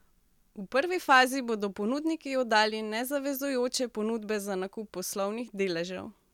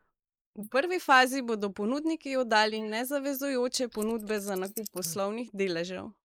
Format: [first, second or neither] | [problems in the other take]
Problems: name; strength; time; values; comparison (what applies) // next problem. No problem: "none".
first | noise reduction (neural mask model Resemble Enhance denoiser)